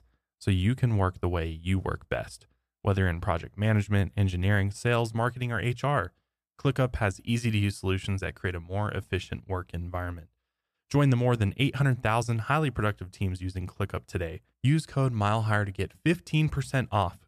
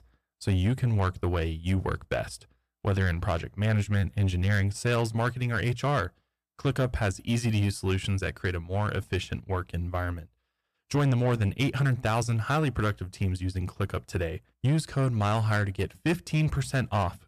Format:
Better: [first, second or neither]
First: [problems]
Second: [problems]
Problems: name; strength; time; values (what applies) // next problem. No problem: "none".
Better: first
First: none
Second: distortion; slight; 10 dB below the speech